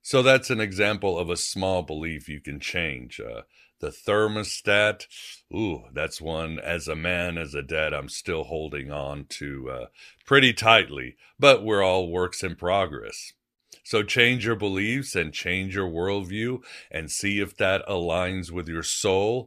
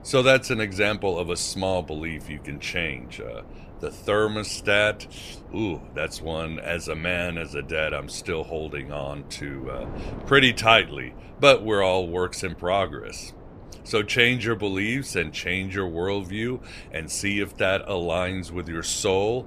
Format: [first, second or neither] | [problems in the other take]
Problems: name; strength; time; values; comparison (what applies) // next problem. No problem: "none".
first | wind noise on the microphone; occasional gusts; 25 dB below the speech